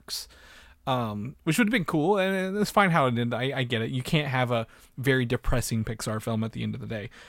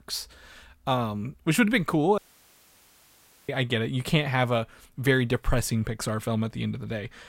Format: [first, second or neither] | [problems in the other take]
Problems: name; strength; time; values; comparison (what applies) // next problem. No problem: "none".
first | audio cutting out; at 2 s for 1.5 s